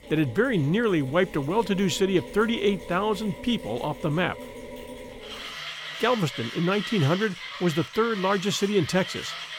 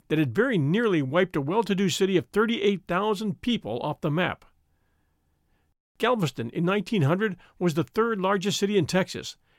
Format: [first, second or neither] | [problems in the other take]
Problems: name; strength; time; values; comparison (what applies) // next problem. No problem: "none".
second | machinery noise; noticeable; throughout; 10 dB below the speech